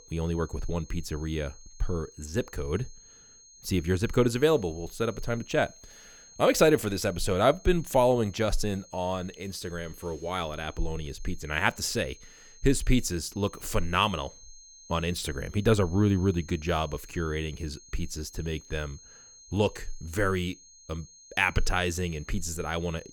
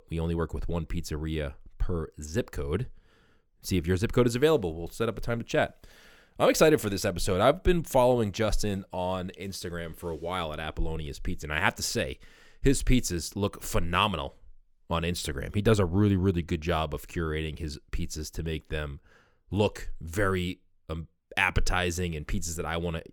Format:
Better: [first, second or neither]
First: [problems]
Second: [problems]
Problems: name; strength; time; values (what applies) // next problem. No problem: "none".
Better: second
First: high-pitched whine; faint; throughout; 6.5 kHz, 20 dB below the speech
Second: none